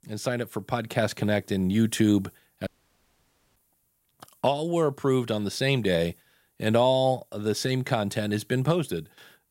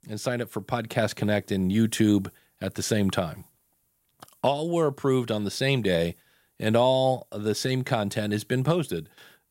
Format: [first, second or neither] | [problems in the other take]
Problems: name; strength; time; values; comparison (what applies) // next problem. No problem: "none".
second | audio cutting out; at 2.5 s for 1 s